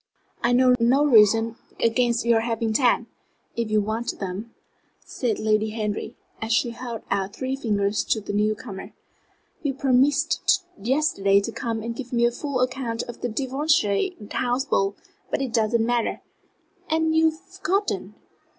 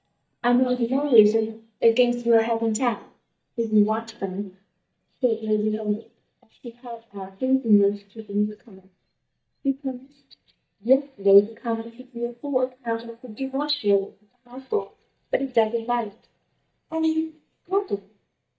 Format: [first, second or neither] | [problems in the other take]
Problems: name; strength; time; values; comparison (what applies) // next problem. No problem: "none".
first | noise reduction (neural mask model DeepFilterNet 3)